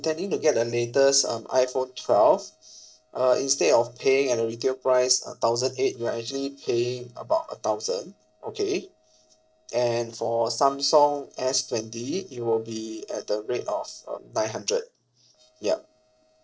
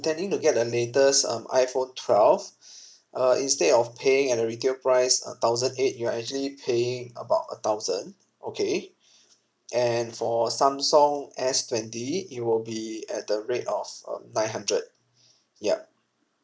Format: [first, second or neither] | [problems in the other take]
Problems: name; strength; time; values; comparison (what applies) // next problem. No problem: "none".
second | noise reduction (neural separator model SepFormer DNS4)